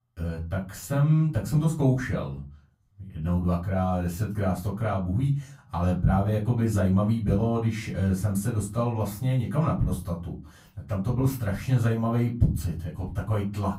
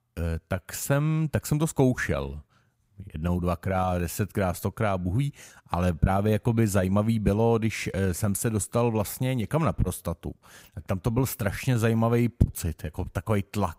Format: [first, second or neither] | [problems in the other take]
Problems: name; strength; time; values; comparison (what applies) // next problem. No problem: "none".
second | off-mic speech; far // room echo; slight; dies away in 0.3 s